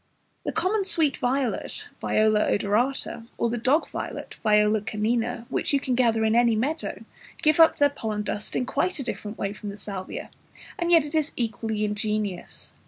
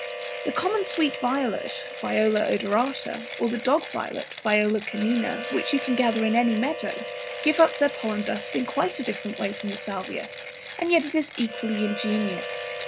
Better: first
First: none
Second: background sound (Harmonica + Mechanisms); 9 dB below the speech

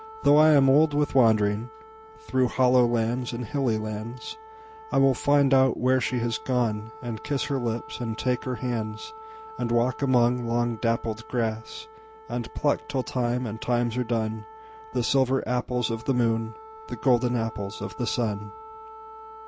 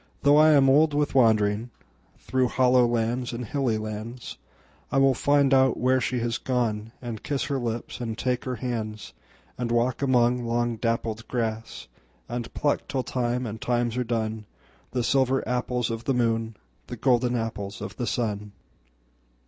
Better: second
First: background sound (Wind instrument, woodwind instrument); 18 dB below the speech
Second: none

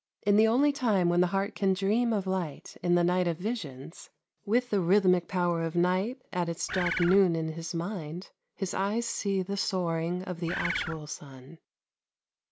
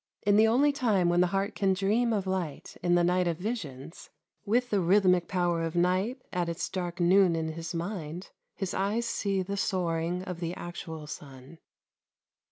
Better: second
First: background sound (Bird); 5 dB below the speech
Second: none

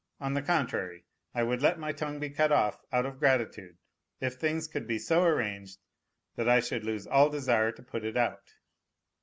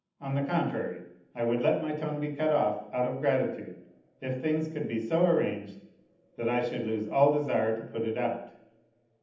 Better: first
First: none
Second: room echo; dies away in 0.8 s

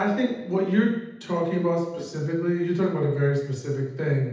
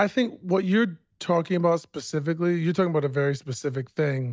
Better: second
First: room echo; dies away in 0.8 s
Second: none

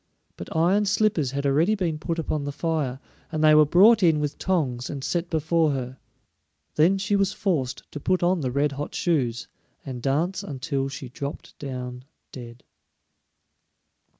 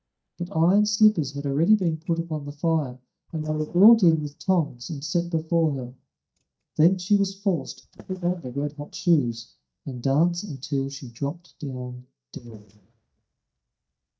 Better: first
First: none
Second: noise reduction (neural mask model DeepFilterNet 3)

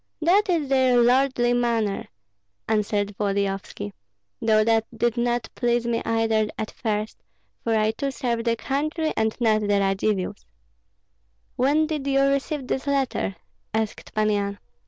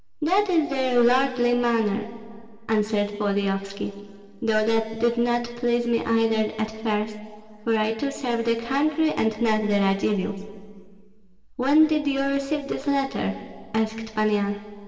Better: first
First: none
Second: room echo; dies away in 1.9 s

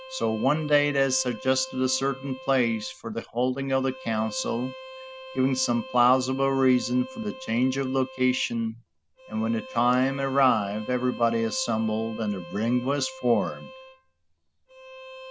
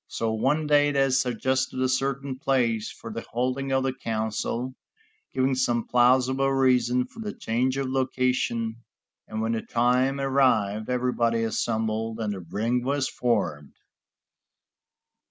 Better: second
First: background sound (Bowed string instrument); 16 dB below the speech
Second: none

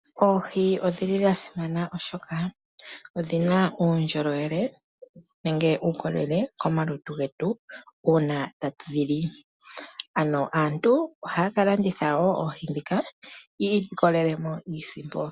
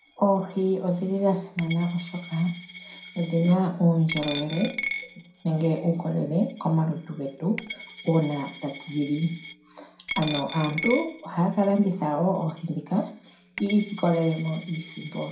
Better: first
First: none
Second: background sound (Coin (dropping)); 14 dB below the speech // room echo; dies away in 0.4 s

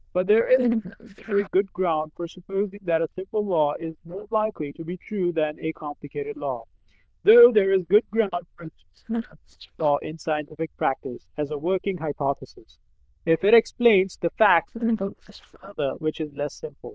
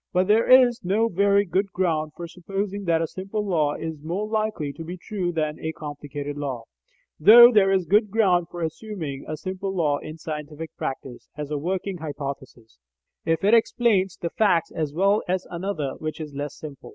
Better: second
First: noise reduction (neural diffusion model UNIVERSE++)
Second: none

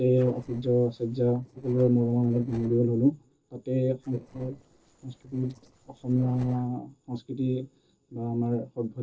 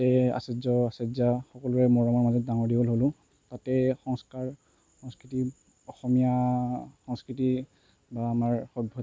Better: second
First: noise reduction (neural separator model SepFormer DNS4)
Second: none

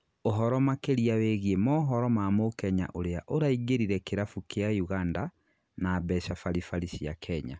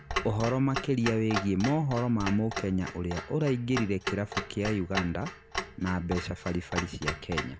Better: first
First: none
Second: background sound (Clock); 7 dB below the speech

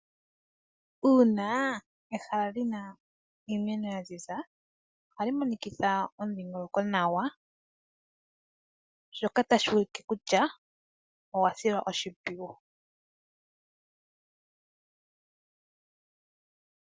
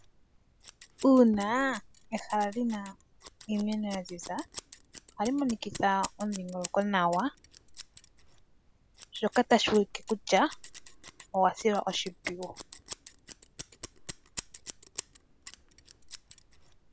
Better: first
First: none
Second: background sound (Scissors); 17 dB below the speech

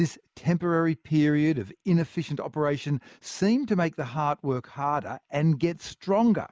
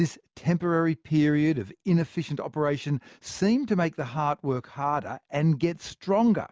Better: second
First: noise reduction (neural mask model Resemble Enhance denoiser)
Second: none

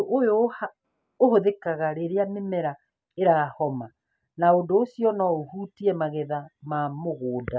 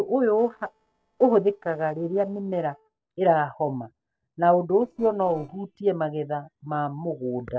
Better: first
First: none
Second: noise reduction (neural separator model SepFormer DNS4)

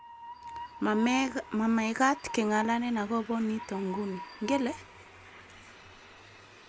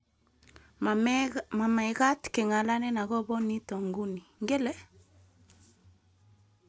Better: second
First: background sound (Train); 14 dB below the speech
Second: none

